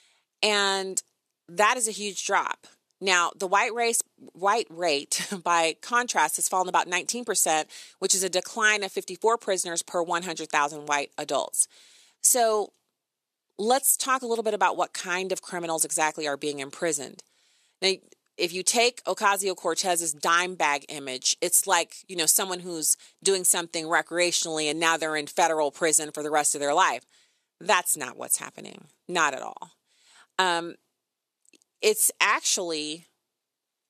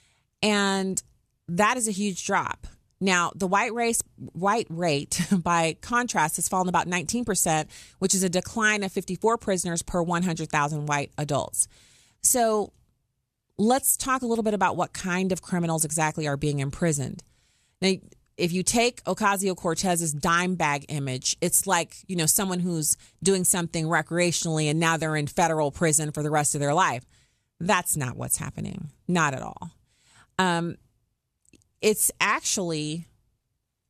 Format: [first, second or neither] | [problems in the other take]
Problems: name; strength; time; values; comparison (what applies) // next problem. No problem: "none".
second | thin; somewhat; fading below 350 Hz